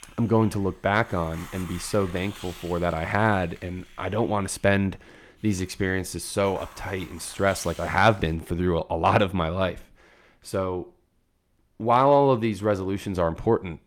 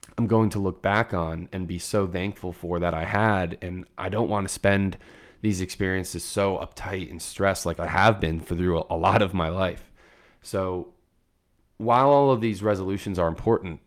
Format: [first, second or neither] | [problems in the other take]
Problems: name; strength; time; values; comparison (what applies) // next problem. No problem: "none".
second | hiss; faint; until 8.5 s; 20 dB below the speech